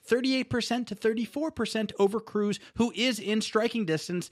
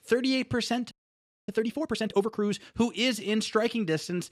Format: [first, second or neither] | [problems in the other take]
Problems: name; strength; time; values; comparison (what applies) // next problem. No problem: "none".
first | audio freezing; at 1 s for 0.5 s